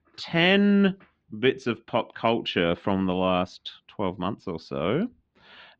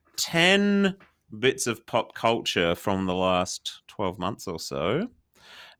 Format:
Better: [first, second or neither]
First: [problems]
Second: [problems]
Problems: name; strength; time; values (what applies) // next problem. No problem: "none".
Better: second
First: muffled; slightly; fading above 4 kHz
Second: none